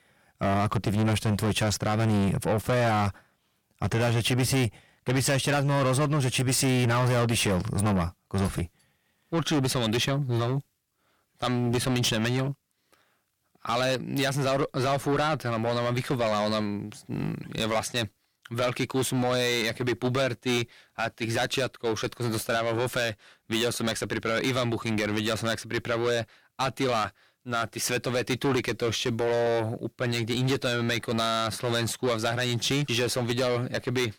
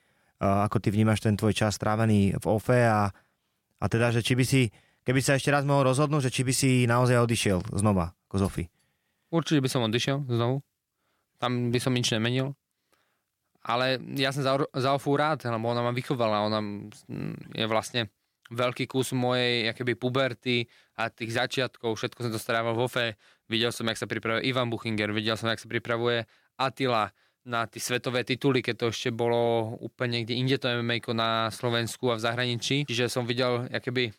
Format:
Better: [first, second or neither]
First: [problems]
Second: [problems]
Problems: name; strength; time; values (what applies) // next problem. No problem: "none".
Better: second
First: distortion; heavy; 7 dB below the speech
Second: none